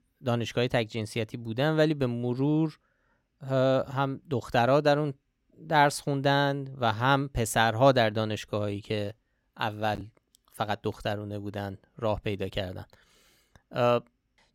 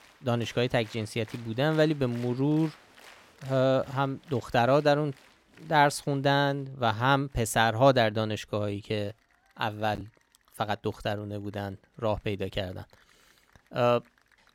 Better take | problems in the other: first | crowd noise; faint; throughout; 25 dB below the speech

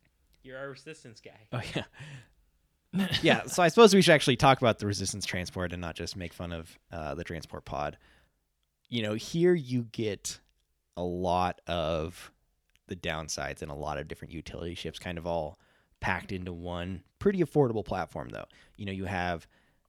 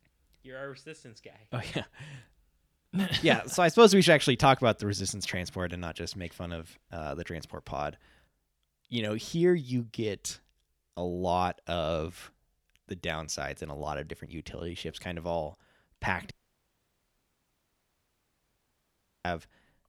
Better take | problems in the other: first | audio cutting out; at 16 s for 3 s

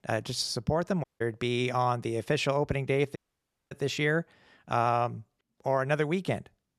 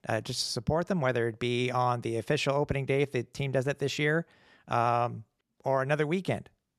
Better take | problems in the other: second | audio cutting out; at 1 s and at 3 s for 0.5 s

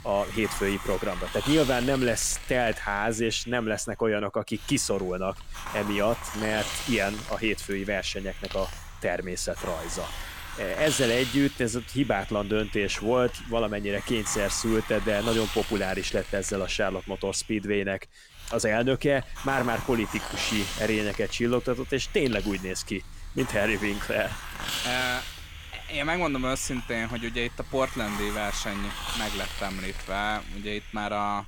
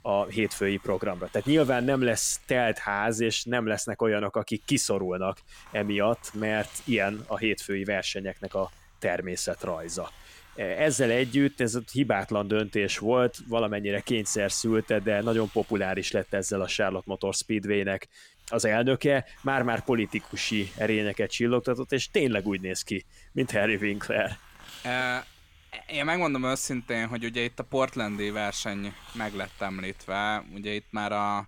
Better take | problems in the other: second | hiss; loud; throughout; 8 dB below the speech; faint in the second

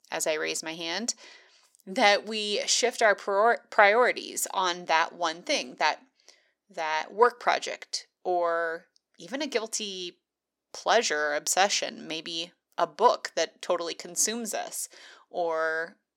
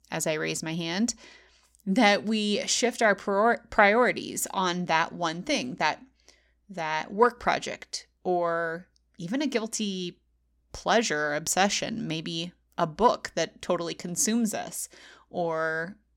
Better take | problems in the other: second | thin; somewhat; fading below 450 Hz

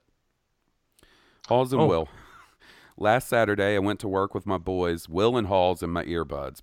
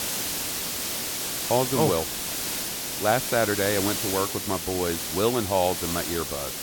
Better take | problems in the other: first | hiss; loud; throughout; 2 dB below the speech

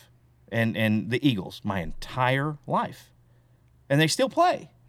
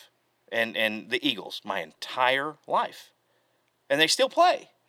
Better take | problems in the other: first | thin; somewhat; fading below 450 Hz

